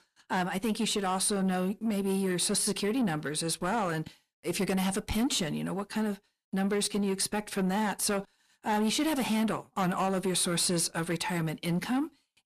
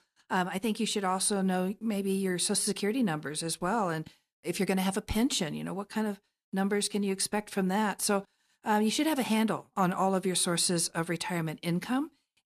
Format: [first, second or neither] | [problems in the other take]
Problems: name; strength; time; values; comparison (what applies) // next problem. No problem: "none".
second | distortion; slight; 10 dB below the speech